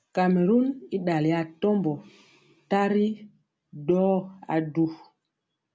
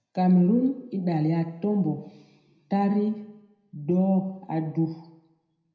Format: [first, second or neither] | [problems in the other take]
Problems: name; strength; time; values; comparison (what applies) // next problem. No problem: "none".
first | room echo; dies away in 0.8 s